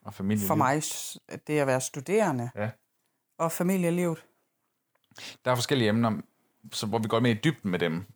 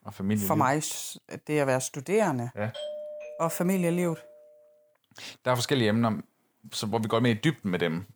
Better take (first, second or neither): first